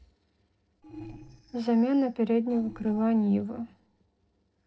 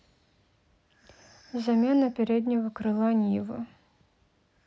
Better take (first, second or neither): second